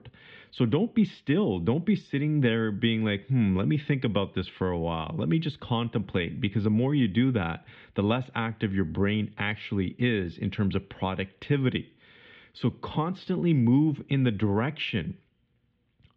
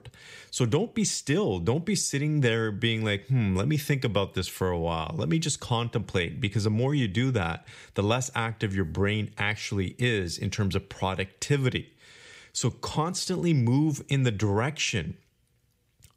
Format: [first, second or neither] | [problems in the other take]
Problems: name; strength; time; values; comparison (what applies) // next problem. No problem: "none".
second | muffled; very; fading above 3.5 kHz